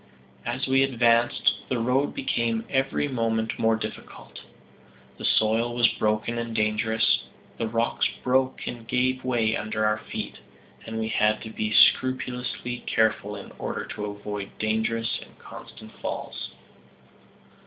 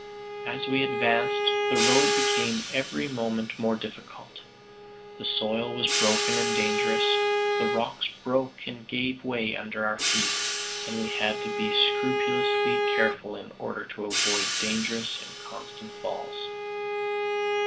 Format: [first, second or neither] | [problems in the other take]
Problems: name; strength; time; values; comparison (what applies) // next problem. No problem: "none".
first | background sound (Bowed string instrument + Hi-hat); 2 dB above the speech